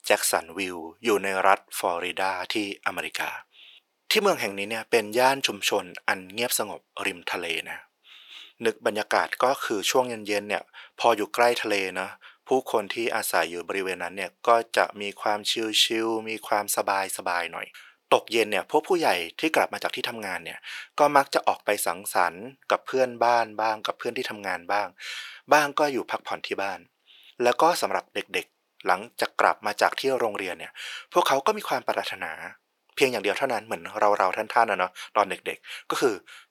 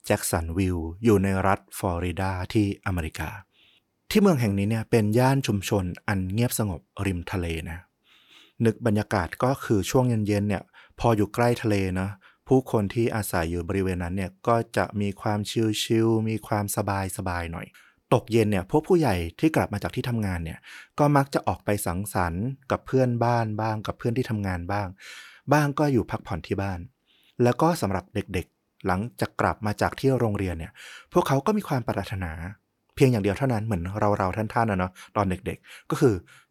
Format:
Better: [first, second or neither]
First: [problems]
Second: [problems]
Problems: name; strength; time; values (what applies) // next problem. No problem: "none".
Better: second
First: thin; very; fading below 600 Hz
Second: none